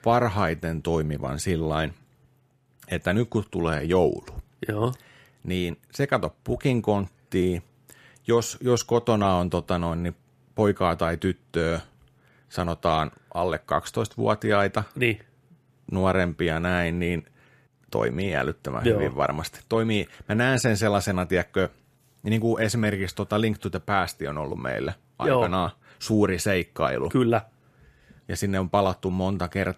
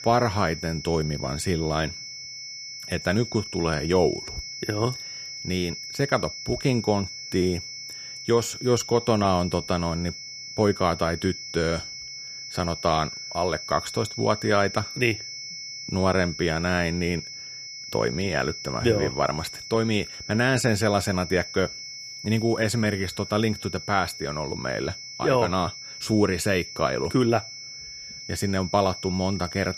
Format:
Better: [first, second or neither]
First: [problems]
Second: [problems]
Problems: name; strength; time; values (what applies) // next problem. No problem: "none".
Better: first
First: none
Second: high-pitched whine; loud; throughout; 5.5 kHz, 9 dB below the speech